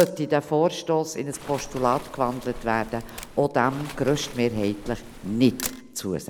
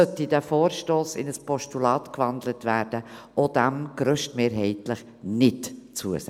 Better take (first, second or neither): second